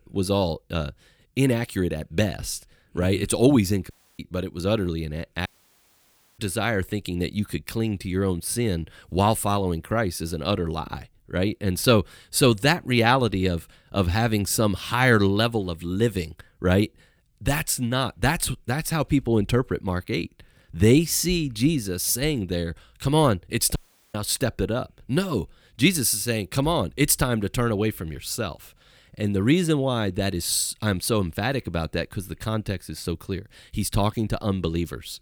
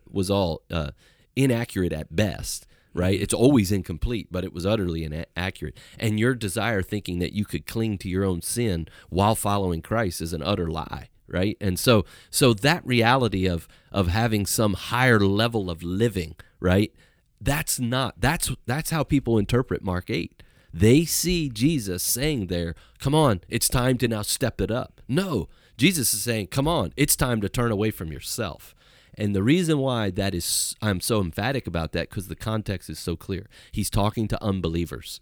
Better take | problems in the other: second | audio cutting out; at 4 s, at 5.5 s for 1 s and at 24 s

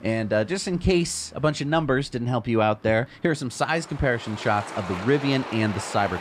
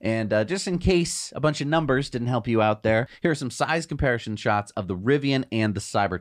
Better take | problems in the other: second | traffic noise; noticeable; throughout; 10 dB below the speech

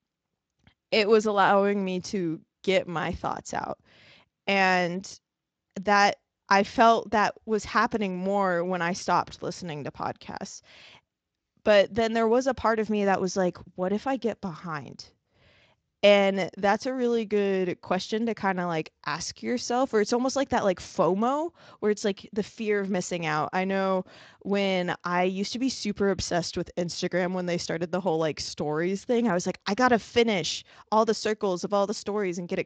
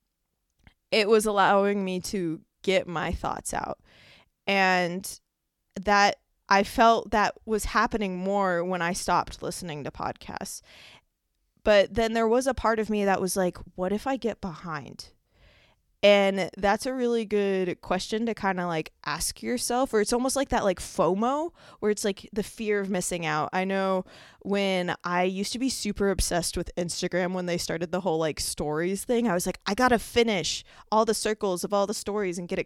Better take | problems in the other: second | garbled, watery; slightly; nothing above 7.5 kHz

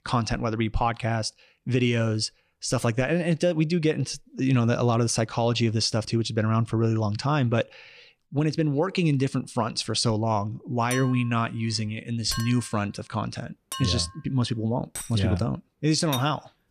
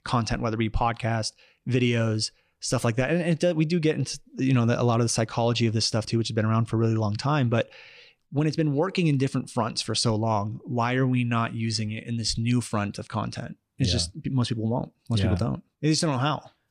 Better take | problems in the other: second | clattering dishes; noticeable; from 11 to 16 s; peak 9 dB below the speech

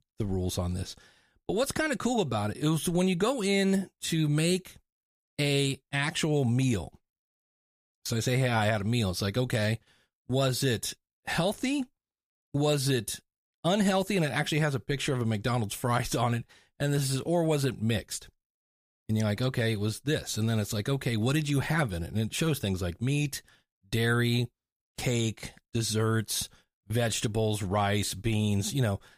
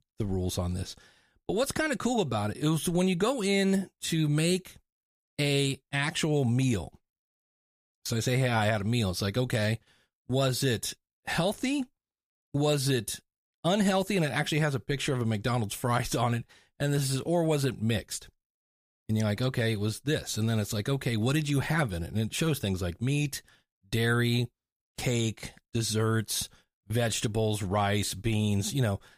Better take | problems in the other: neither | none

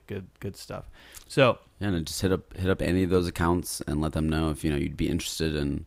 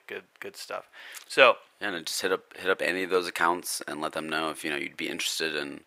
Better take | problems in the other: first | thin; very; fading below 550 Hz

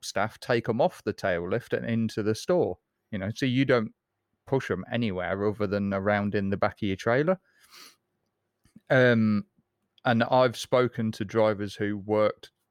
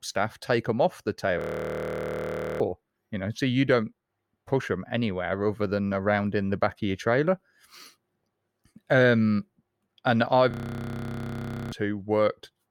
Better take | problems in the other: first | audio freezing; at 1.5 s for 1 s and at 11 s for 1 s

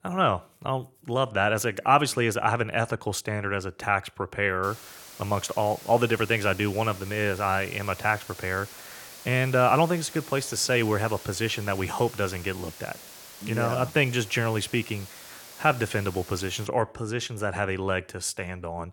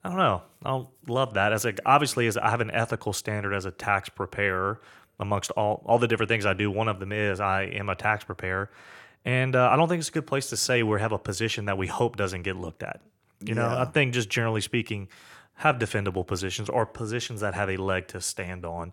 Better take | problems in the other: second | hiss; noticeable; from 4.5 to 17 s; 15 dB below the speech

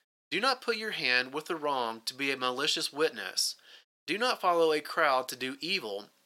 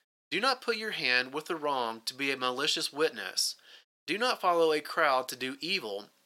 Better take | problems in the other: neither | thin; somewhat; fading below 500 Hz; the same in both

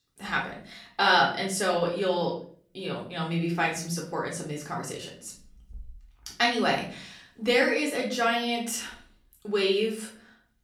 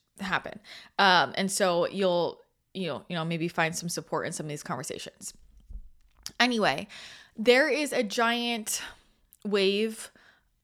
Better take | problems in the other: second | off-mic speech; far // room echo; slight; dies away in 0.4 s

